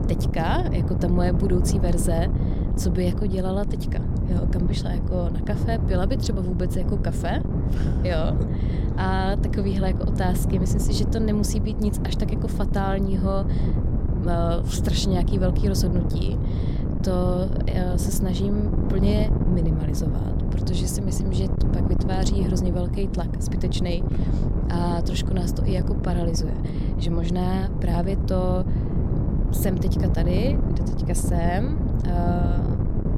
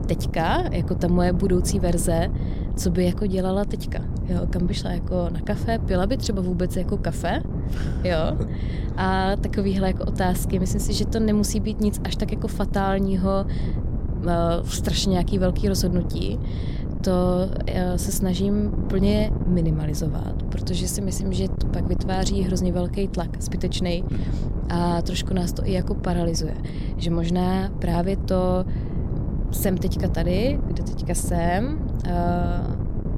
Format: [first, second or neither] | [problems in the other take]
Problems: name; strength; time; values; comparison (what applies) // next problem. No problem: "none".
second | wind noise on the microphone; heavy; 4 dB below the speech; occasional gusts in the second